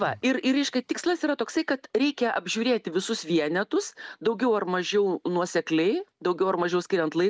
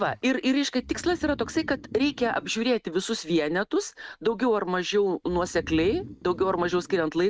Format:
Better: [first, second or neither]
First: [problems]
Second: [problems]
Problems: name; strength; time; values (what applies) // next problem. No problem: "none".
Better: first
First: none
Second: noise reduction (neural mask model RNNoise)